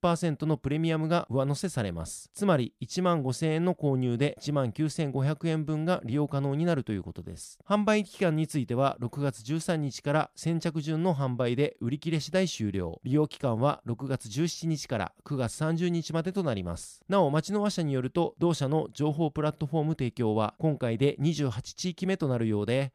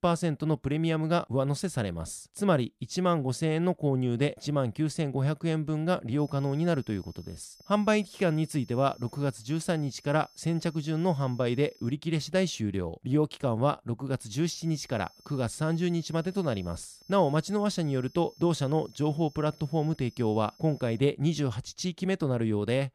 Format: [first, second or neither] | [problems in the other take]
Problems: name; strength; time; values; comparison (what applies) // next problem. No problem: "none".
first | high-pitched whine; faint; from 6 to 12 s and from 14 to 21 s; 5.5 kHz, 25 dB below the speech